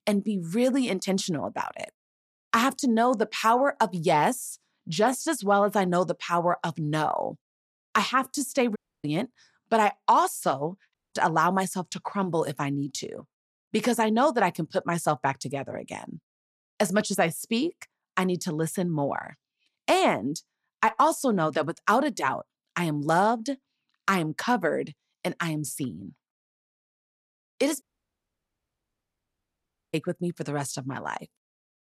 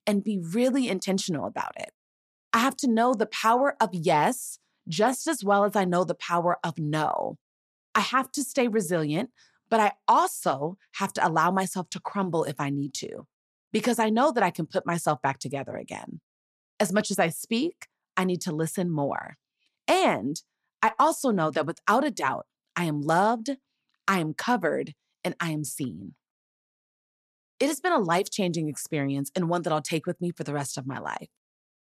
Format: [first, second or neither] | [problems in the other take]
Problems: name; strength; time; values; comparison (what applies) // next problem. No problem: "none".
second | audio cutting out; at 9 s, at 11 s and at 28 s for 2 s